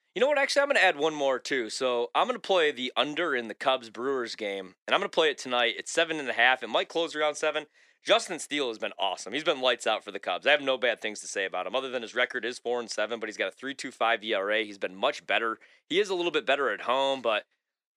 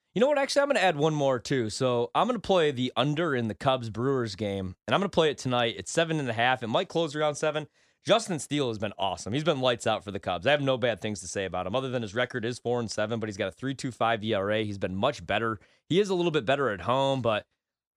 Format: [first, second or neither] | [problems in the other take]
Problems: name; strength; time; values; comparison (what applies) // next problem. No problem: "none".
second | thin; somewhat; fading below 300 Hz